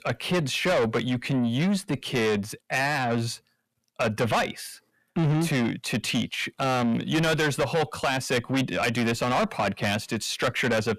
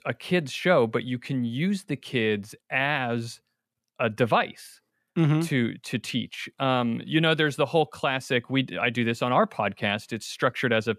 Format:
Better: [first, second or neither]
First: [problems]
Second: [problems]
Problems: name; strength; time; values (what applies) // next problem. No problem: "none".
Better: second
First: distortion; heavy; 6 dB below the speech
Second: none